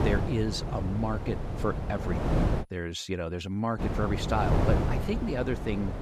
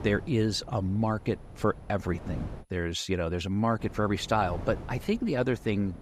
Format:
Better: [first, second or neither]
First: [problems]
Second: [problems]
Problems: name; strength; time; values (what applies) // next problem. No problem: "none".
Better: second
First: wind noise on the microphone; heavy; until 2.5 s and from 4 s on; 3 dB below the speech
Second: wind noise on the microphone; occasional gusts; until 2.5 s and from 4 s on; 20 dB below the speech